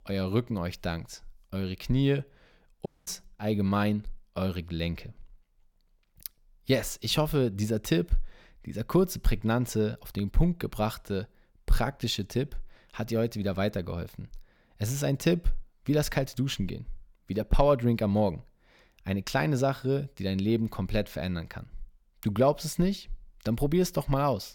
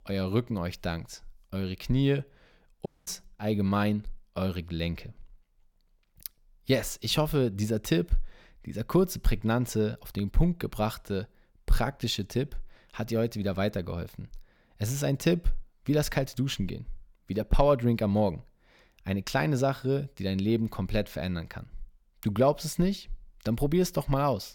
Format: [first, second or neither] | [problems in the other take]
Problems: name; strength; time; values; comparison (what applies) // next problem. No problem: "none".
neither | audio cutting out; at 3 s; the same in both